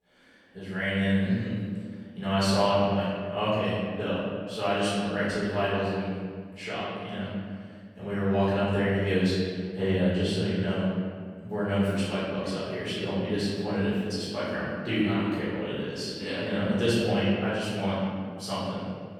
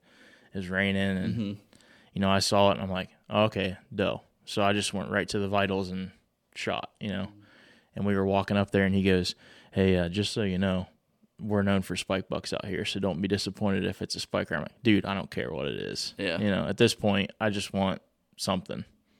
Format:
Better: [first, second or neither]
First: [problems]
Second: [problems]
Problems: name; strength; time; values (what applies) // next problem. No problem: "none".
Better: second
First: off-mic speech; far // room echo; strong; dies away in 1.8 s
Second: none